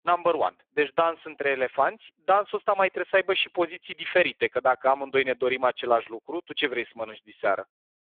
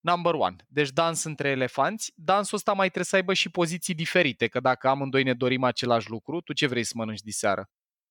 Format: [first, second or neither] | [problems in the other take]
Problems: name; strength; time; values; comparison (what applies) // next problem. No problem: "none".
second | phone-call audio; poor line; nothing above 3.5 kHz